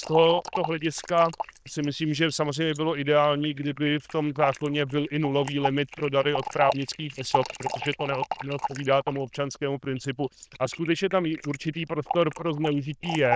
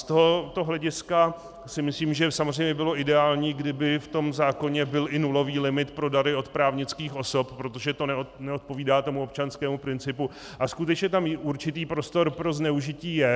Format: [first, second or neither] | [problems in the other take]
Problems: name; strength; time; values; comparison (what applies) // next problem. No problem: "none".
second | noise reduction (neural diffusion model UNIVERSE++)